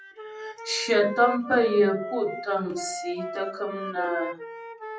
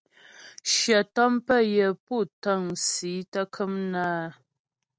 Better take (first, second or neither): second